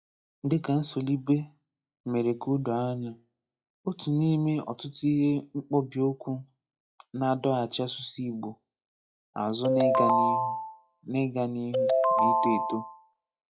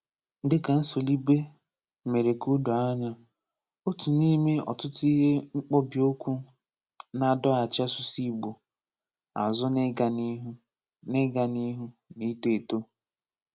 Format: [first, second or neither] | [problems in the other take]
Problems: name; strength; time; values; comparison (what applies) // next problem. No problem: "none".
second | noise reduction (classical method log-MMSE)